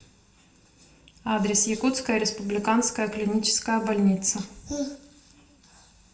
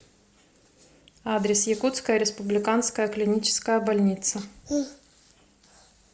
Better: second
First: room echo; dies away in 0.6 s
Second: none

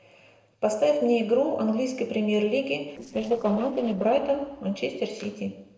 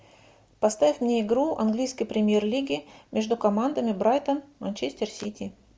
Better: second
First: noise reduction (neural separator model SepFormer DNS4)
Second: none

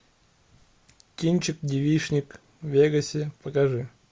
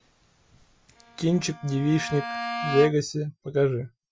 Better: first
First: none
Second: noise reduction (classical method Wiener filter)

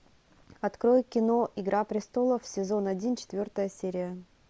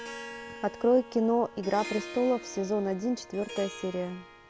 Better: first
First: none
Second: background sound (Harp); 14 dB below the speech

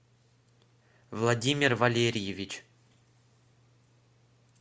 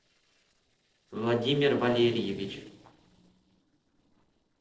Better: first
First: none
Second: noise reduction (neural separator model SepFormer DNS4)

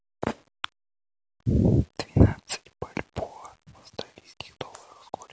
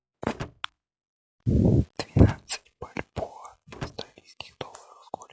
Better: first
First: none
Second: noise reduction (classical method log-MMSE)

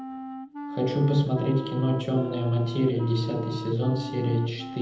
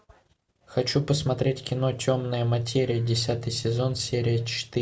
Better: second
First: background sound (Wind instrument, woodwind instrument); 10 dB below the speech // room echo; dies away in 0.8 s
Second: none

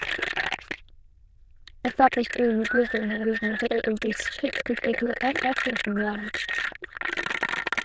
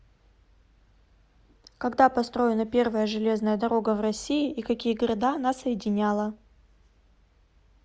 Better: second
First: noise reduction (neural diffusion model UNIVERSE++)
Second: none

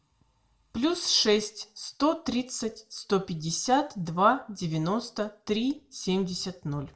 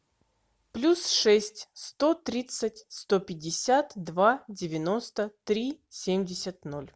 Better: second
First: room echo; dies away in 0.3 s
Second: none

